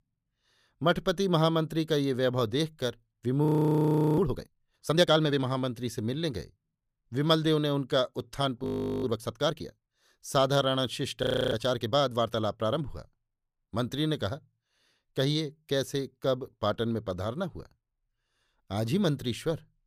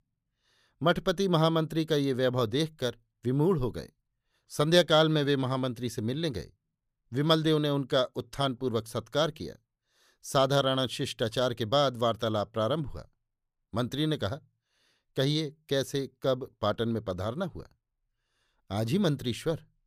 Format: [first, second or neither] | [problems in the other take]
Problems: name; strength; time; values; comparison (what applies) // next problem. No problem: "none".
second | audio freezing; at 3.5 s for 0.5 s, at 8.5 s and at 11 s